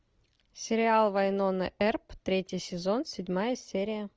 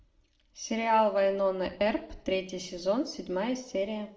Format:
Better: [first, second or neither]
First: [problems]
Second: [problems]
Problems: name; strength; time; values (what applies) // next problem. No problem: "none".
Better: first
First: none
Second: room echo; dies away in 0.6 s